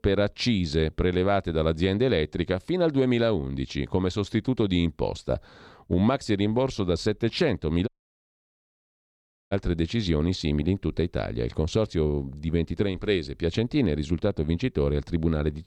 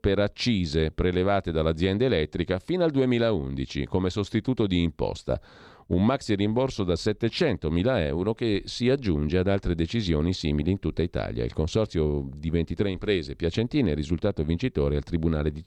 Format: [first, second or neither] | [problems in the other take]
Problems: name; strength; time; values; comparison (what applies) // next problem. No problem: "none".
second | audio cutting out; at 8 s for 1.5 s